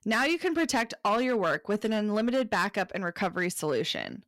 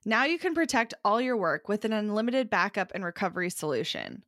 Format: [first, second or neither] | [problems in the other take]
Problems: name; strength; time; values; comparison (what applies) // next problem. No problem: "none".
second | distortion; slight; 6% of the sound clipped